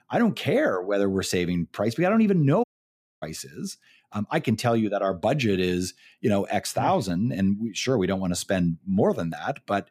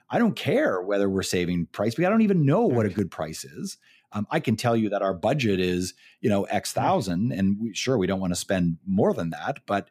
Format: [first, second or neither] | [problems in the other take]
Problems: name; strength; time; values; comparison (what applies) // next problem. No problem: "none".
second | audio cutting out; at 2.5 s for 0.5 s